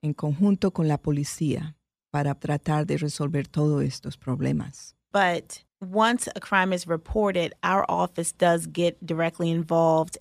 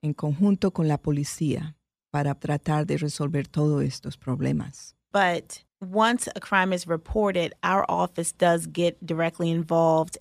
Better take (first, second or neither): neither